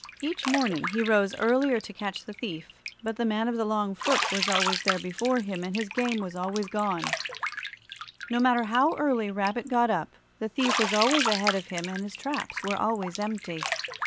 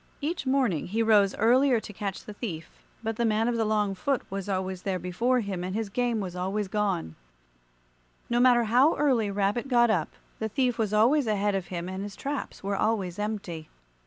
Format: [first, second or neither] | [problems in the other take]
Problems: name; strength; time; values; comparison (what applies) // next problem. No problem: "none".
second | background sound (Bathtub (filling or washing)); 6 dB below the speech